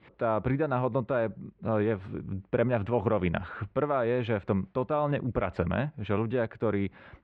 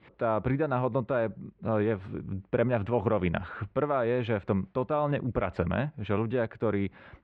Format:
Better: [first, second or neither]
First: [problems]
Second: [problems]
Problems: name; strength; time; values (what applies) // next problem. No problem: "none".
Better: neither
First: muffled; very; fading above 2.5 kHz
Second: muffled; very; fading above 2.5 kHz